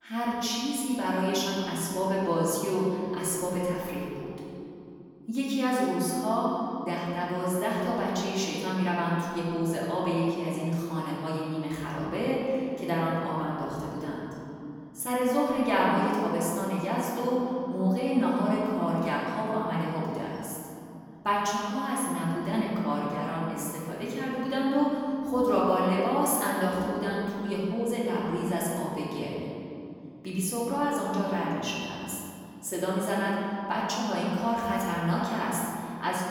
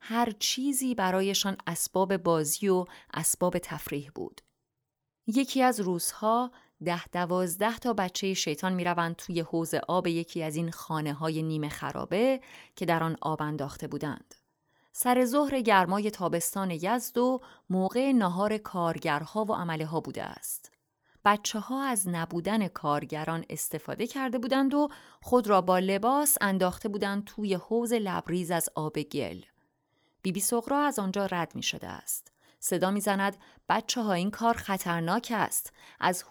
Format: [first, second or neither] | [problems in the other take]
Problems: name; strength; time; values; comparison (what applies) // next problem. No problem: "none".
second | room echo; strong; dies away in 2.6 s // off-mic speech; far